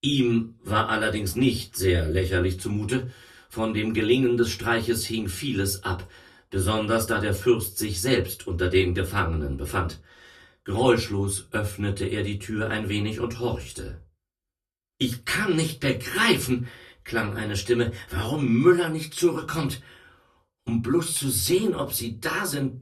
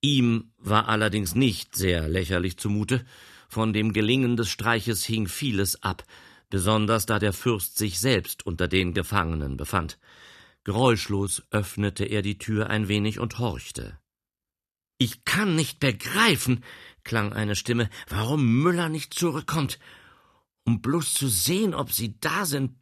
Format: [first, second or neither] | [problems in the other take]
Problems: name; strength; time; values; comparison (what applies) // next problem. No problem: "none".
second | off-mic speech; far // room echo; very slight; dies away in 0.2 s